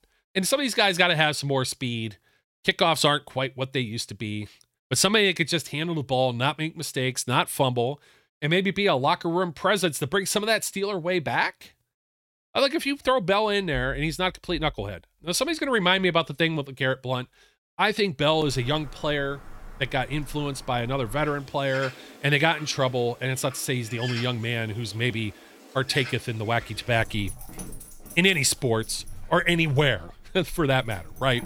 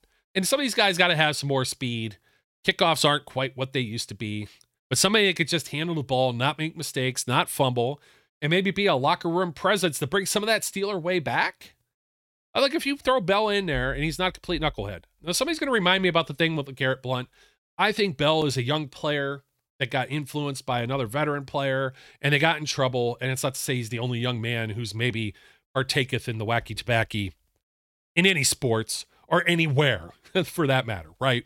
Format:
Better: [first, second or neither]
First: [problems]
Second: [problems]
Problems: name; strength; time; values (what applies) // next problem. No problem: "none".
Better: second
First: animal sounds; noticeable; from 18 s on; 20 dB below the speech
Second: none